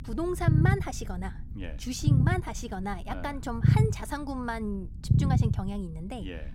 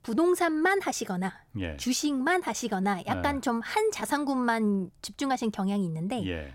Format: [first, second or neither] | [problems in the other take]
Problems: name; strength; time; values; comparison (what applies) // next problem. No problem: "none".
second | low rumble; loud; throughout; 2 dB below the speech